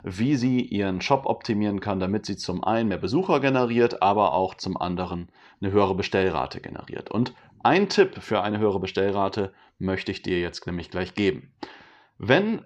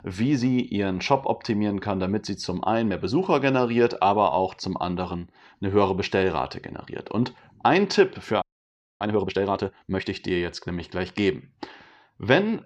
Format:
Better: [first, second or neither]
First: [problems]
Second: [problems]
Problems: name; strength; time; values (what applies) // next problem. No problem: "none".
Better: first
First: none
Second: audio freezing; at 8.5 s for 0.5 s